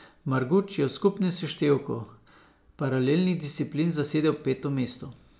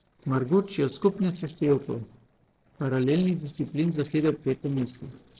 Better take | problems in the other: first | noise reduction (neural separator model SepFormer DNS4)

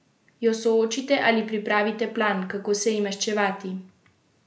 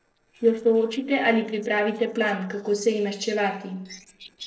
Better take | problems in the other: first | noise reduction (neural separator model SepFormer DNS4)

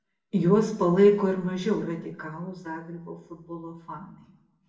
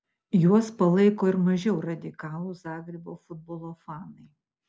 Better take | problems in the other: second | room echo; dies away in 0.7 s

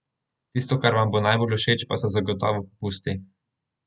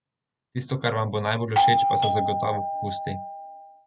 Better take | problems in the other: first | background sound (Doorbell); 5 dB above the speech

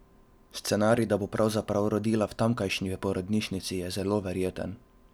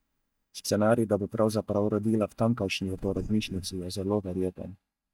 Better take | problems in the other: first | noise reduction (neural mask model DeepFilterNet 3)

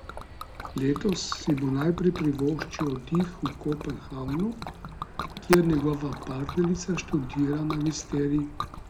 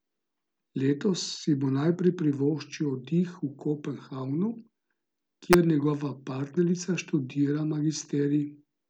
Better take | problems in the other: second | background sound (Aircraft + Liquid); 11 dB below the speech

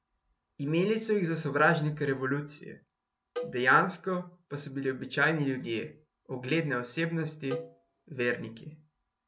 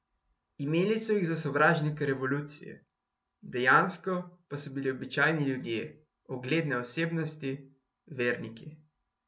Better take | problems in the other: second | background sound (Cowbell); 13 dB below the speech

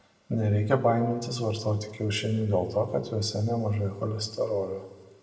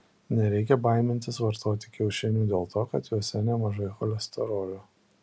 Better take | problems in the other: second | room echo; dies away in 1.1 s

